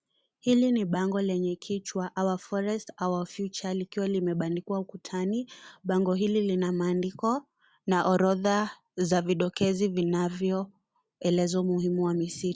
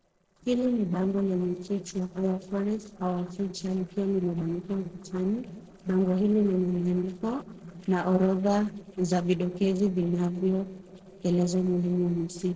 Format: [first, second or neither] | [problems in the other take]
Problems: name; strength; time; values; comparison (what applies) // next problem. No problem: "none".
first | noise reduction (neural separator model SepFormer DNS4)